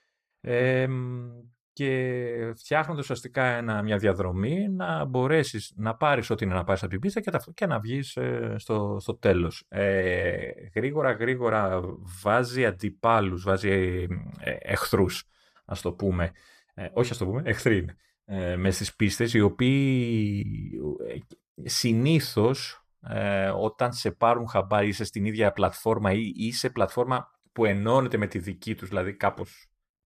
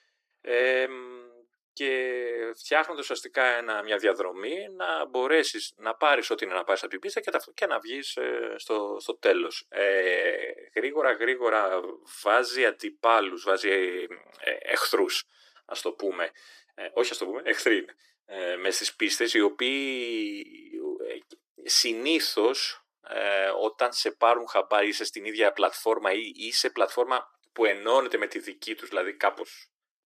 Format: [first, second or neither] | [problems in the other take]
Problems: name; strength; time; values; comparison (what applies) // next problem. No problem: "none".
first | thin; very; fading below 300 Hz